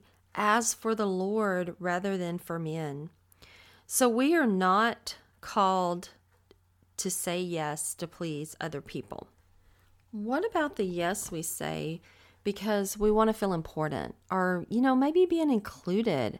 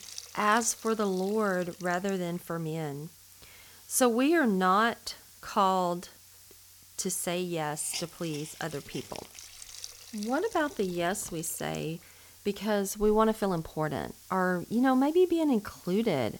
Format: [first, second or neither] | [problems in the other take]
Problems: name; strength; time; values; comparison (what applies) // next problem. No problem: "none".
first | hiss; noticeable; throughout; 20 dB below the speech